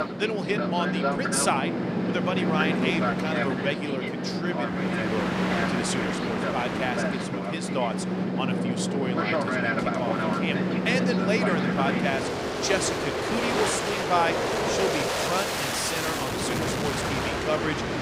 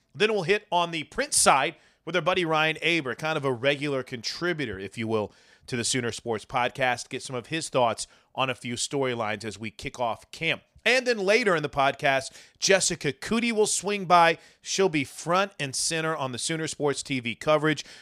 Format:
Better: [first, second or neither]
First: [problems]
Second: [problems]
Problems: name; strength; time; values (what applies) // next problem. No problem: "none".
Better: second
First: train or aircraft noise; very loud; throughout; 3 dB above the speech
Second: none